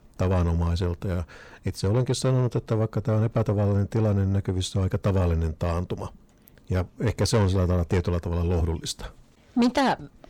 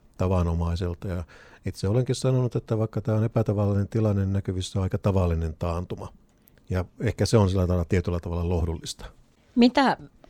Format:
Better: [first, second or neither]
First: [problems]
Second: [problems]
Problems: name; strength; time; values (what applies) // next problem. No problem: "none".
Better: second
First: distortion; slight; 10 dB below the speech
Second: none